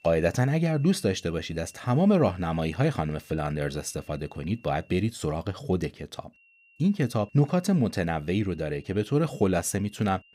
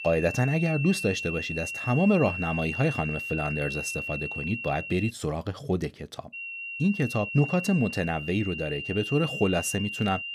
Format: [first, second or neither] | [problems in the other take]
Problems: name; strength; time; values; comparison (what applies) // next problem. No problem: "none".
first | high-pitched whine; loud; until 5 s and from 6.5 s on; 2.5 kHz, 6 dB below the speech; faint in the first